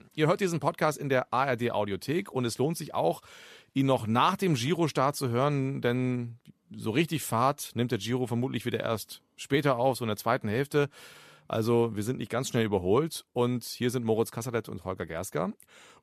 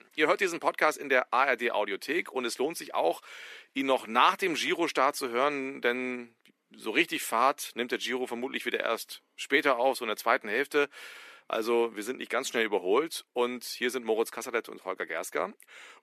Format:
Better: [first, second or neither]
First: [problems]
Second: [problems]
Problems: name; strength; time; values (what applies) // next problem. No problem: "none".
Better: first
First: none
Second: thin; somewhat; fading below 300 Hz